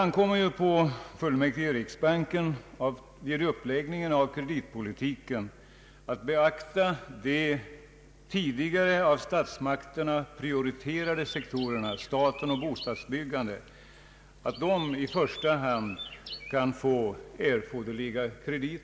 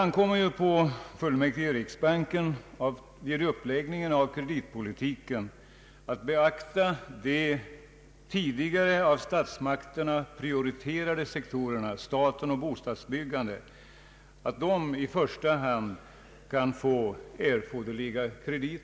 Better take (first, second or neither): second